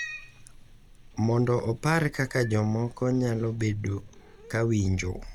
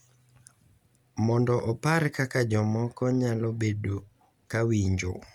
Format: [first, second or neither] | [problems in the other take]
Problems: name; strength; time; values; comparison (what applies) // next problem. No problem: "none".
second | background sound (Cat); 17 dB below the speech